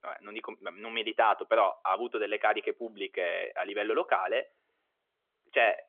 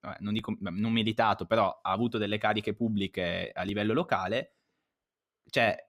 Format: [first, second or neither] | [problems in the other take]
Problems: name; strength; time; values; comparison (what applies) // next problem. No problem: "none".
second | phone-call audio; nothing above 3.5 kHz